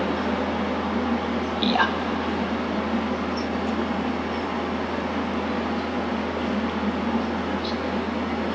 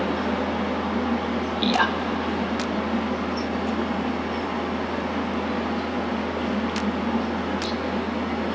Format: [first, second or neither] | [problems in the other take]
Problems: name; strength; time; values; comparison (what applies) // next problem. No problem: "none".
first | background sound (Clapping); 19 dB below the speech